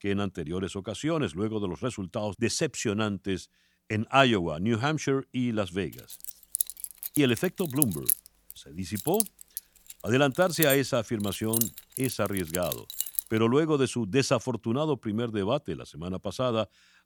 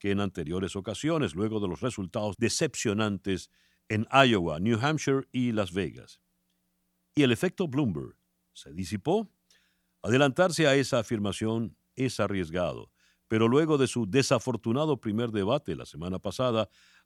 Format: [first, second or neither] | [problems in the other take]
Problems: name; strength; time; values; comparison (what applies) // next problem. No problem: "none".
second | jangling keys; loud; from 6.5 to 13 s; peak 4 dB above the speech